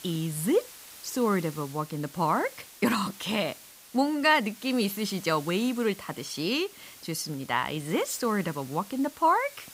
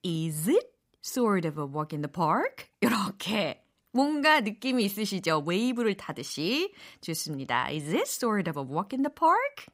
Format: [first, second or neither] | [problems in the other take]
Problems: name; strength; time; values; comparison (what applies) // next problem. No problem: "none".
second | hiss; noticeable; throughout; 15 dB below the speech